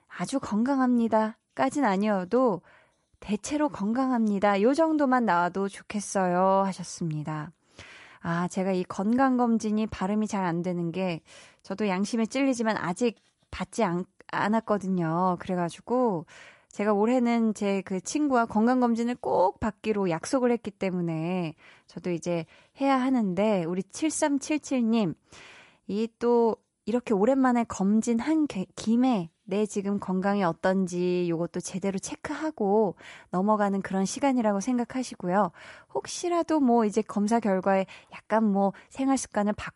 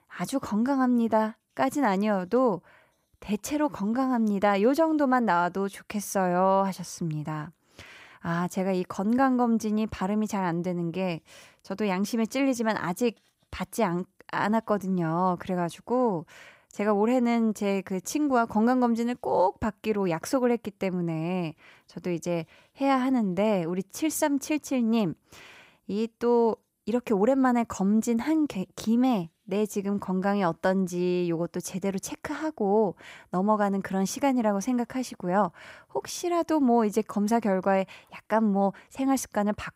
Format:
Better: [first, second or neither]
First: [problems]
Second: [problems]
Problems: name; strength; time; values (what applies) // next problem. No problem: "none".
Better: second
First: garbled, watery; slightly; nothing above 11 kHz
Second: none